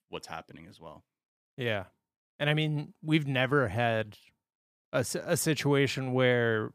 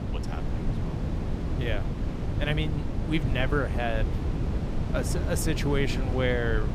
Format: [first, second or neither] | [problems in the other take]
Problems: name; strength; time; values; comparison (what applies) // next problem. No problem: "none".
first | wind noise on the microphone; heavy; 7 dB below the speech